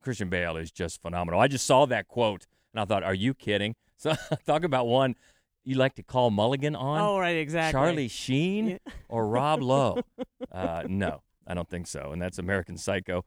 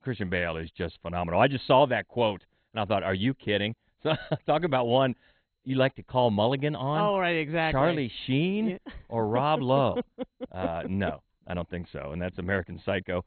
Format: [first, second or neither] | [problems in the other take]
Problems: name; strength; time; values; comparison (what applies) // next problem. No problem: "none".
first | garbled, watery; badly; nothing above 4 kHz